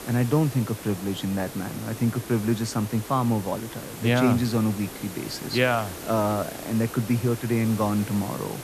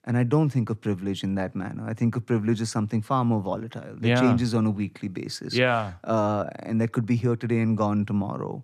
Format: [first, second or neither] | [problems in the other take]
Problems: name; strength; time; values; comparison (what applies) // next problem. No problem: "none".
second | hiss; noticeable; throughout; 10 dB below the speech